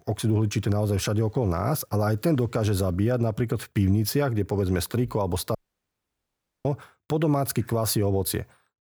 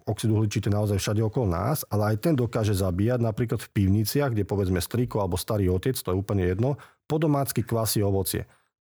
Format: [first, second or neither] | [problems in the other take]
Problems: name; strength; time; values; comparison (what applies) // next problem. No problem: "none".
second | audio cutting out; at 5.5 s for 1 s